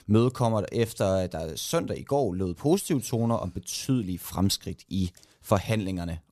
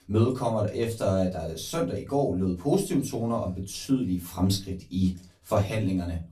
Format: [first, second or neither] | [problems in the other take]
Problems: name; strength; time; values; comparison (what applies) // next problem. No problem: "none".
first | off-mic speech; far // room echo; very slight; dies away in 0.2 s